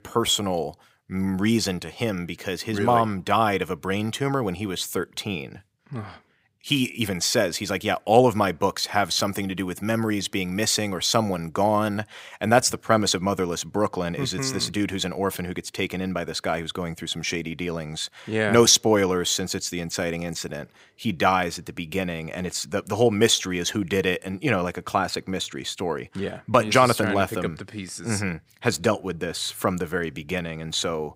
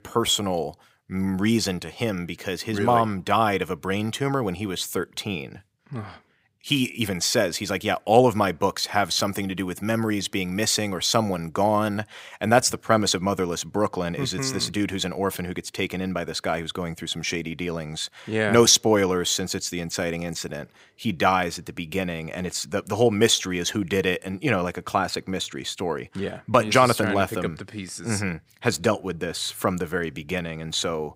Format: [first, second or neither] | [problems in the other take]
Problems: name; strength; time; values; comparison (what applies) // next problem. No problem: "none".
neither | none